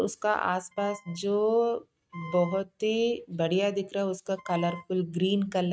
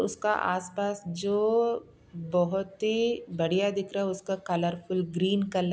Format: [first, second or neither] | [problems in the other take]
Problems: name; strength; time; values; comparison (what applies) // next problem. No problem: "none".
second | noise reduction (neural mask model RNNoise)